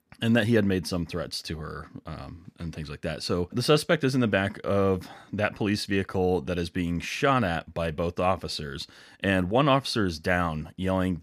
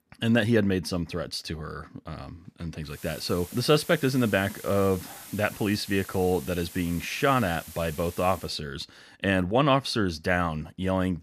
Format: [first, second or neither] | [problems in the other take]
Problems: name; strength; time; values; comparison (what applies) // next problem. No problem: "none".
first | hiss; noticeable; from 3 to 8.5 s; 15 dB below the speech